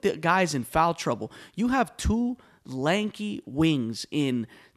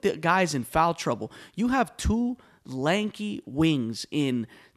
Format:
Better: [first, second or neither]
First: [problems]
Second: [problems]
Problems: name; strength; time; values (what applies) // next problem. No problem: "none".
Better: neither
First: none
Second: none